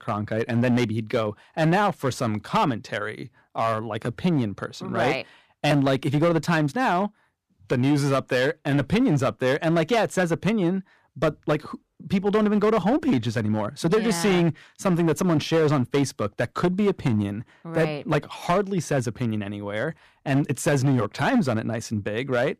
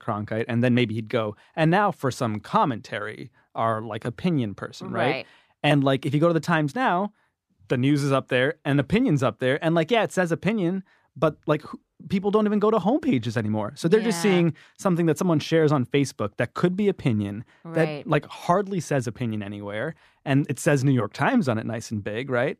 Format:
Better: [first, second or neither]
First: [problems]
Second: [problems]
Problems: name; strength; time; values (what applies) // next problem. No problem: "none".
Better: second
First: distortion; slight; 7% of the sound clipped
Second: none